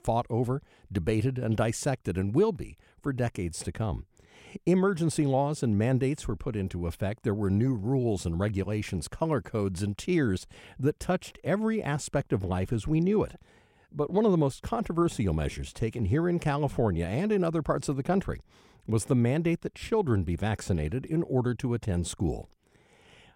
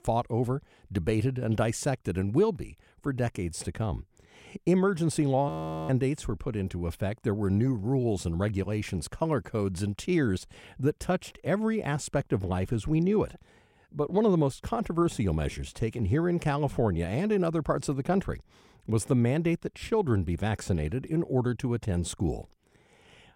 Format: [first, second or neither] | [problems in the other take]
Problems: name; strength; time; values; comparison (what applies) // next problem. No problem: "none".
first | audio freezing; at 5.5 s